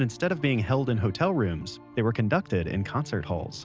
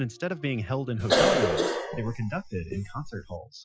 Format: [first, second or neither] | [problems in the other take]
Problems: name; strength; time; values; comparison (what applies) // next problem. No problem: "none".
first | noise reduction (classical method Wiener filter)